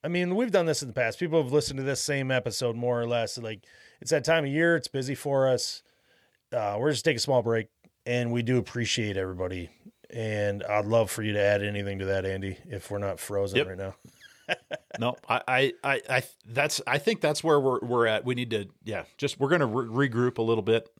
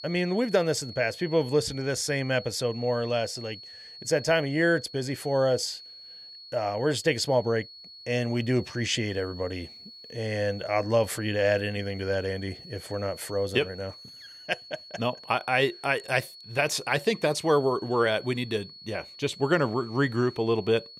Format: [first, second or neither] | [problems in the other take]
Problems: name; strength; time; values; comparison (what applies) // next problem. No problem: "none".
first | high-pitched whine; noticeable; throughout; 4.5 kHz, 15 dB below the speech